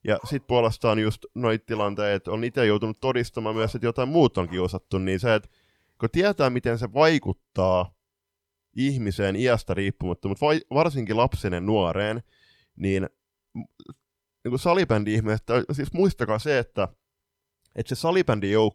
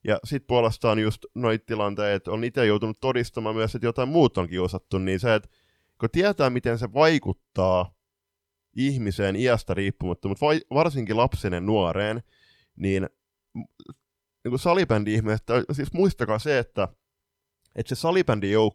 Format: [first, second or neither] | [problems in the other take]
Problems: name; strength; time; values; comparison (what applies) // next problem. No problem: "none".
second | animal sounds; very faint; until 6 s; 20 dB below the speech